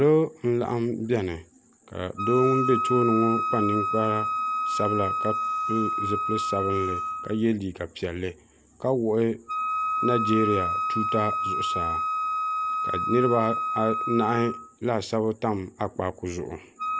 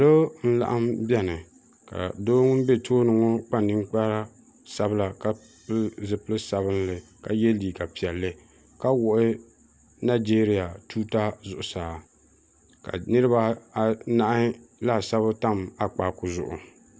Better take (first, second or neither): second